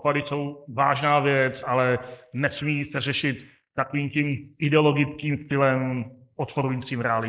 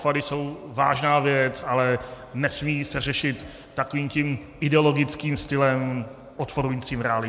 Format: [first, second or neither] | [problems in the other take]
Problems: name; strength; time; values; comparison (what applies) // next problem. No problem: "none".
second | noise reduction (neural mask model Resemble Enhance denoiser)